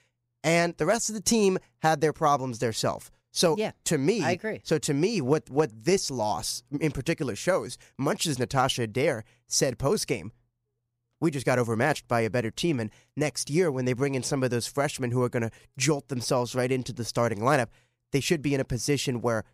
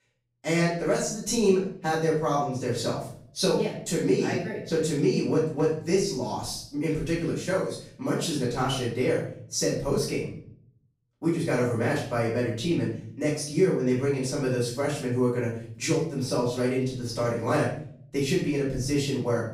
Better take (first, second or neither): first